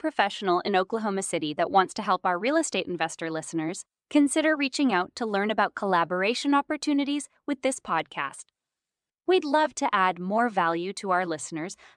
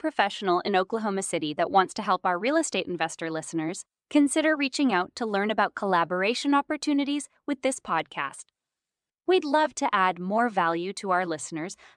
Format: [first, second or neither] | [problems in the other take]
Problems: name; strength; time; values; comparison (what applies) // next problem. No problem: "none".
neither | none